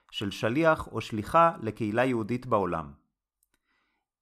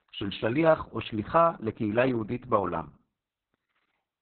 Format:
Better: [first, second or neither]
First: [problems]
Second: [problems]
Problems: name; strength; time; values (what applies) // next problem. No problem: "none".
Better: first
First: none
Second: garbled, watery; badly; nothing above 4 kHz